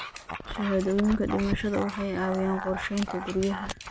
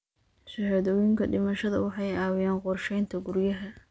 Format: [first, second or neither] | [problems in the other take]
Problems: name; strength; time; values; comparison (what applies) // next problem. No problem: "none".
second | background sound (Dog); 8 dB below the speech